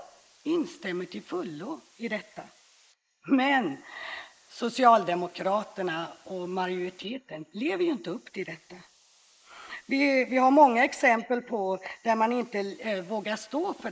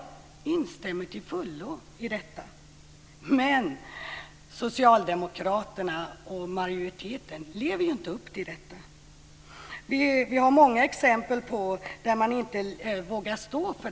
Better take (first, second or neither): second